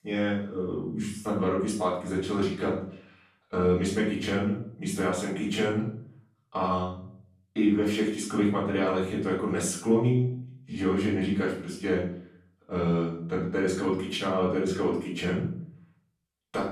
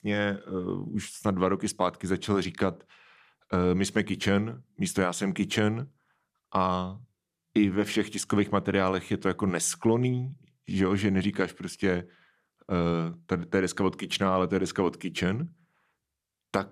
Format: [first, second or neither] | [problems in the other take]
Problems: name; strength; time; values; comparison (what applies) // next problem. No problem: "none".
second | off-mic speech; far // room echo; noticeable; dies away in 0.5 s